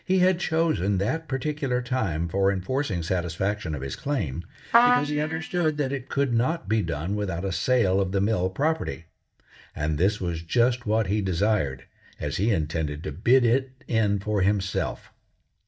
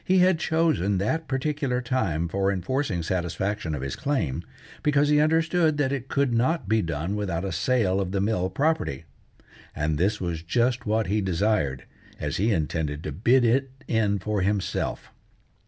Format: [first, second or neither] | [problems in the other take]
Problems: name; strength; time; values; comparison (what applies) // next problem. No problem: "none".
second | noise reduction (neural mask model DeepFilterNet 3)